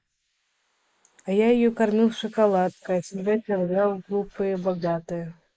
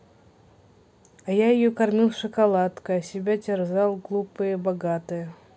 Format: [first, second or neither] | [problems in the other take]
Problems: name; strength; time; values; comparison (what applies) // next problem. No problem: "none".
second | noise reduction (neural mask model Resemble Enhance denoiser)